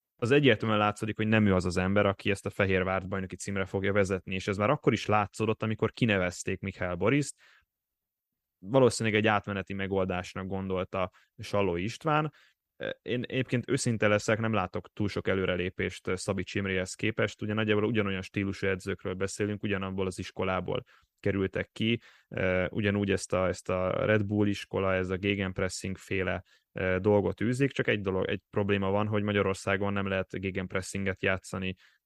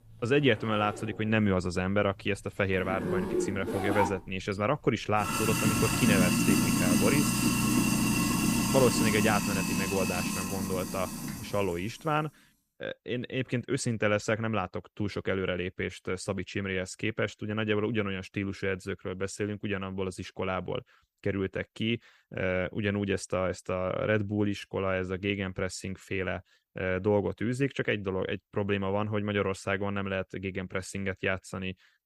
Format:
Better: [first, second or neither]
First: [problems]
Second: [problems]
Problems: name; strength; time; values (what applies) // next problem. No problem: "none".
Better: first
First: none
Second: household noises; very loud; until 12 s; 3 dB above the speech